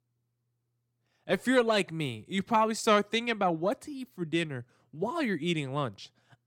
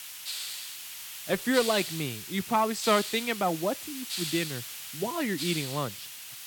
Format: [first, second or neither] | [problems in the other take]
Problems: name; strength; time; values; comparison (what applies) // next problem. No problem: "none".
first | hiss; loud; throughout; 6 dB below the speech